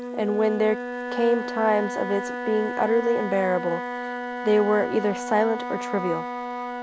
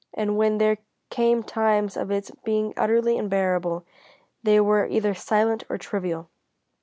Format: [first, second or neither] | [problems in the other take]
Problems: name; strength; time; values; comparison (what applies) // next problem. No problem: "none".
second | background sound (Wind instrument, woodwind instrument); 6 dB below the speech